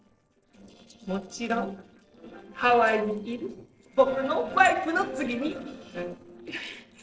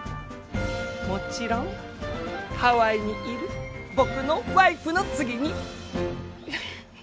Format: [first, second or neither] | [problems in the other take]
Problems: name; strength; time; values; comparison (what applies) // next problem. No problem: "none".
second | noise reduction (neural separator model SepFormer DNS4)